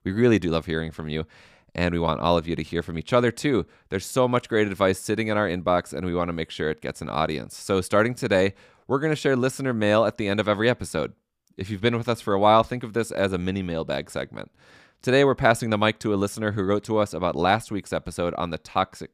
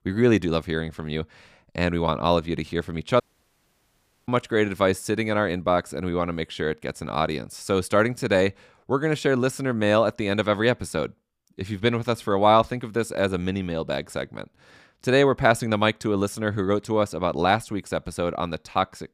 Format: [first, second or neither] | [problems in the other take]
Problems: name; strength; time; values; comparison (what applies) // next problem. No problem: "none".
first | audio cutting out; at 3 s for 1 s